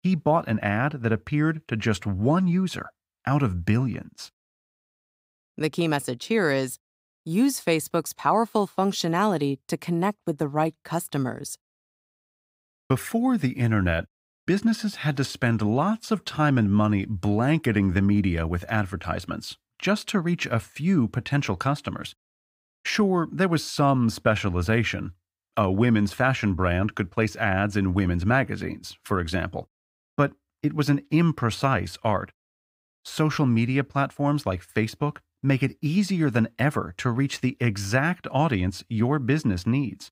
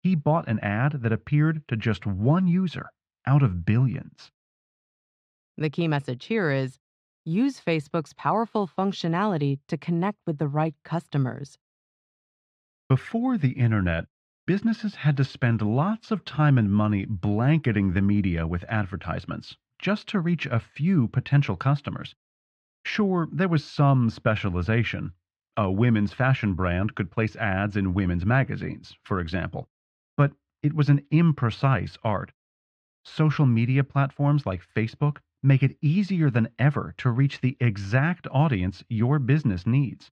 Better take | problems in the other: first | muffled; very slightly; fading above 3 kHz

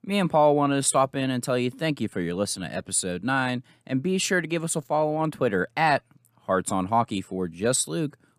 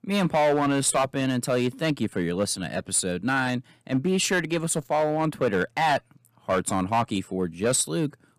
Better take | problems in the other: first | distortion; slight; 6% of the sound clipped

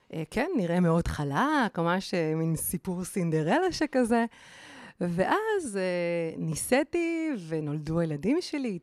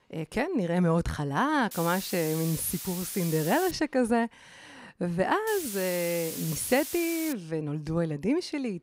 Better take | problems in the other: first | hiss; loud; from 1.5 to 3.5 s and from 5.5 to 7.5 s; 8 dB below the speech

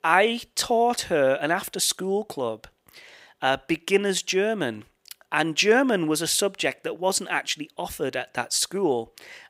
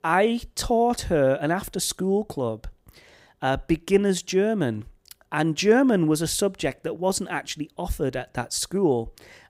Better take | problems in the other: second | thin; very slightly; fading below 1 kHz

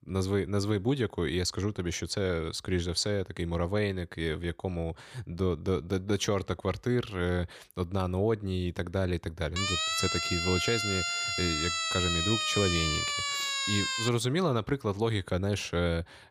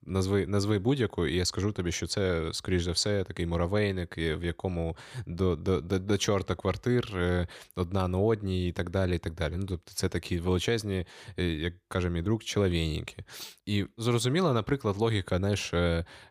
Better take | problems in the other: second | siren; loud; from 9.5 to 14 s; peak 3 dB above the speech

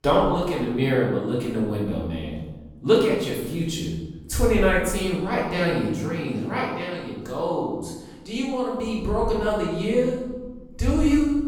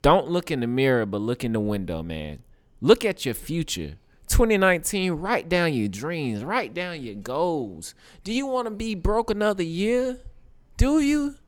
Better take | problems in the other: second | room echo; noticeable; dies away in 1.1 s // off-mic speech; far

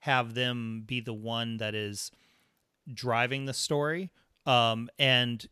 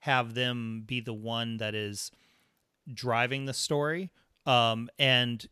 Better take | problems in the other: neither | none

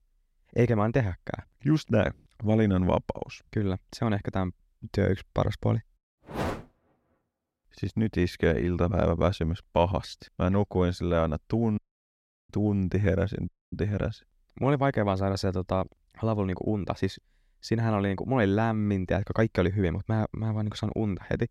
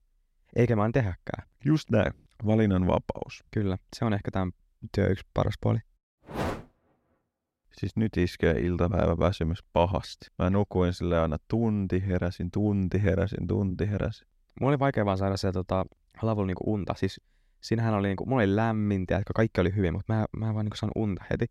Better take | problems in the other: second | audio cutting out; at 12 s for 0.5 s and at 13 s

